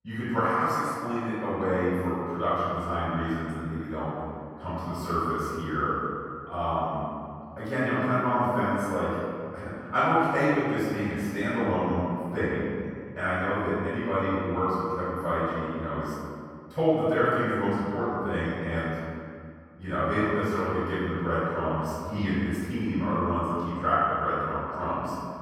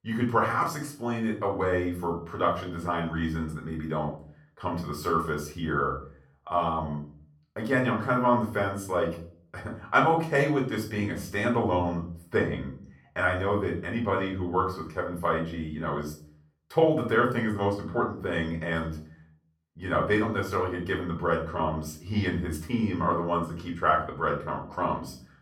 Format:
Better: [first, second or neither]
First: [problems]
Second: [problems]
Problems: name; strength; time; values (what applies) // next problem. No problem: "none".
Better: second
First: room echo; strong; dies away in 2.1 s // off-mic speech; far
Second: room echo; slight; dies away in 0.4 s // off-mic speech; far